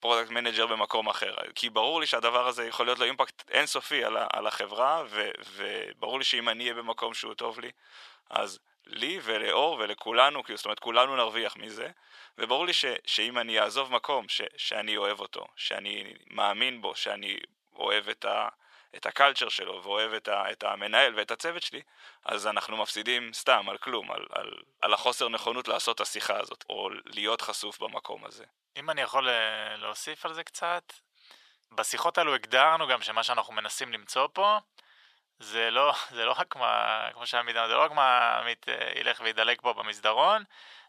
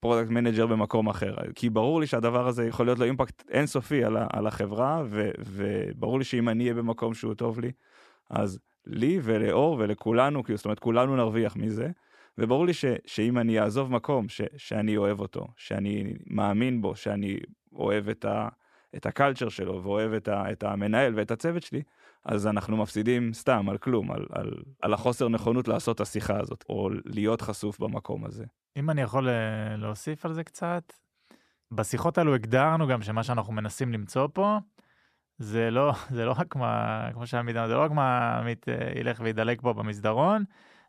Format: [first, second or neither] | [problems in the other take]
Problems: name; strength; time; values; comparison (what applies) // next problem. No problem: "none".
second | thin; very; fading below 900 Hz